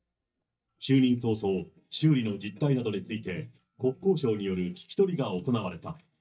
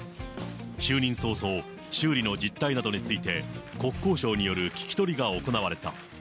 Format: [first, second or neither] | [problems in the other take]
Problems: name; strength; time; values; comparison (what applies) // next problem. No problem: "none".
second | noise reduction (neural mask model DeepFilterNet 3)